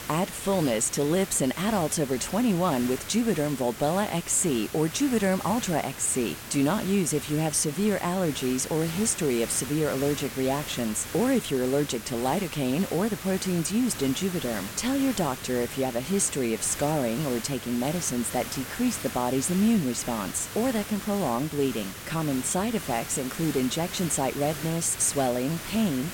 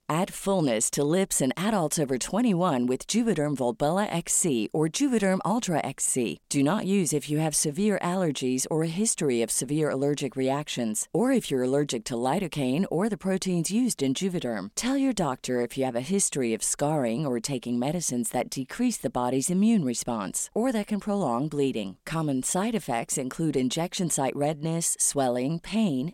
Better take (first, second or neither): second